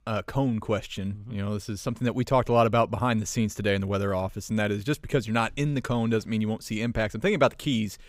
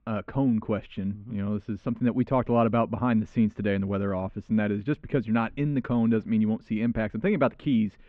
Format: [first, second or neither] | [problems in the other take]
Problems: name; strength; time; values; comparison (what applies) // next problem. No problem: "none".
first | muffled; very; fading above 2.5 kHz